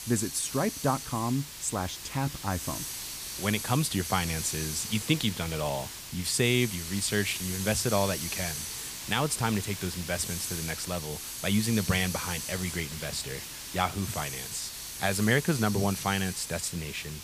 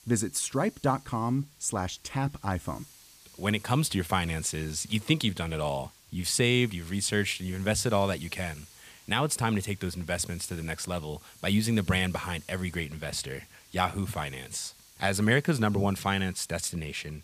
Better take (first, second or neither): second